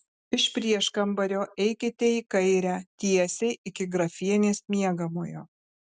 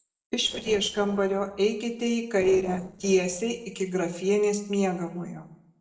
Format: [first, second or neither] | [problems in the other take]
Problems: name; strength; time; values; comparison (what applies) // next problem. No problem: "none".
first | noise reduction (neural separator model SepFormer DNS4)